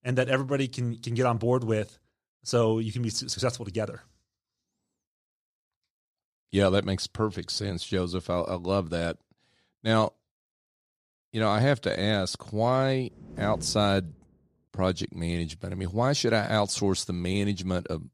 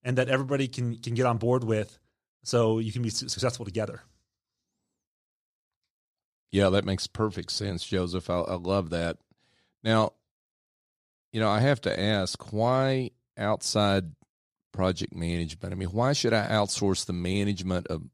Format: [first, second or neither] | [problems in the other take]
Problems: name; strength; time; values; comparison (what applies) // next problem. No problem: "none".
second | door banging; noticeable; at 13 s; peak 9 dB below the speech